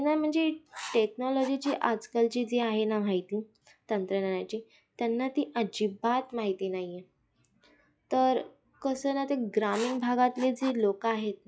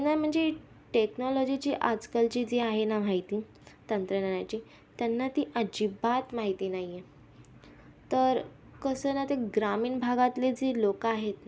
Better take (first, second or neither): second